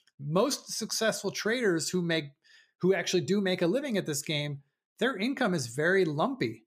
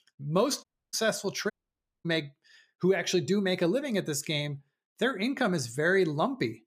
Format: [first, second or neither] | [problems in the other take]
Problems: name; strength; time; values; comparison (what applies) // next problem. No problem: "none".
first | audio cutting out; at 0.5 s and at 1.5 s for 0.5 s